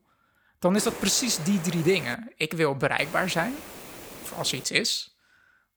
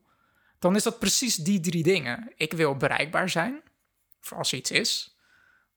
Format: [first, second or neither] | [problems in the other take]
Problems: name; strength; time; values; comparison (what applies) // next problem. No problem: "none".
second | hiss; noticeable; from 1 to 2 s and from 3 to 4.5 s; 15 dB below the speech